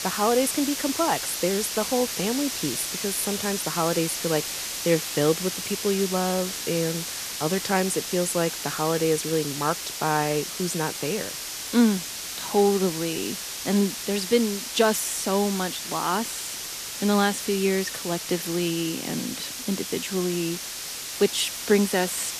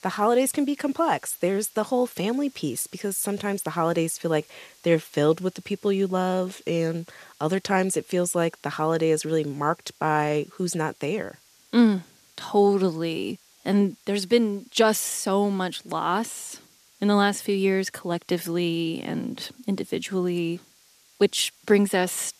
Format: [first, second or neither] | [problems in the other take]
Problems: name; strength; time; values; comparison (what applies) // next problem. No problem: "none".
second | hiss; loud; throughout; 4 dB below the speech; faint in the second